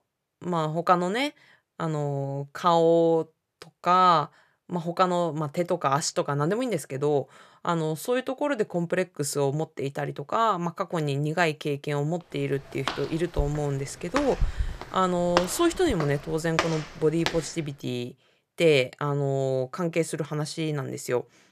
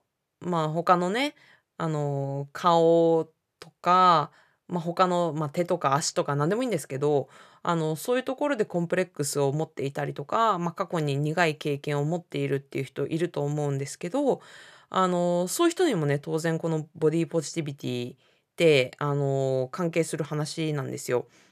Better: second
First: footsteps; noticeable; from 13 to 17 s; peak 2 dB below the speech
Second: none

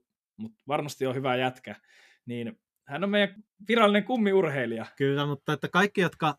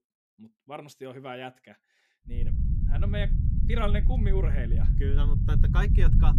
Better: first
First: none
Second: low rumble; loud; from 2.5 s on; 5 dB below the speech

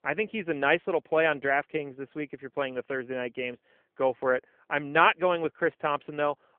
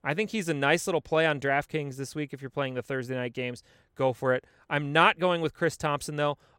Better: second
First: phone-call audio; nothing above 3 kHz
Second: none

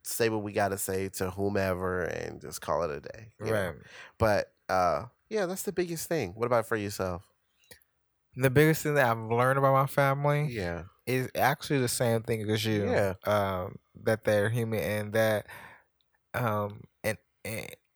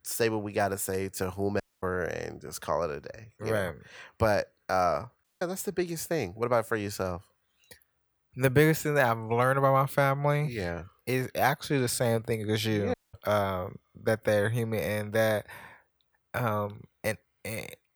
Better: first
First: none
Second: audio cutting out; at 1.5 s, at 5 s and at 13 s

